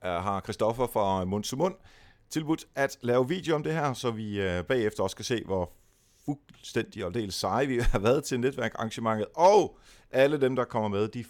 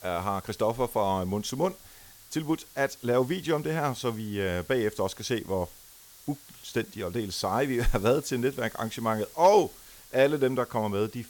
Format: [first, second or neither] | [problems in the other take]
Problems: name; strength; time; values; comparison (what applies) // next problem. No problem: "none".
first | hiss; noticeable; throughout; 20 dB below the speech